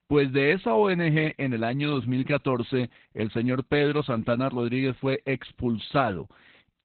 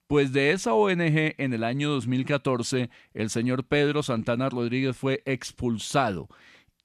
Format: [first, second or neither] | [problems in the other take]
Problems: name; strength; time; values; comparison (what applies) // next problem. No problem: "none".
second | garbled, watery; badly; nothing above 4 kHz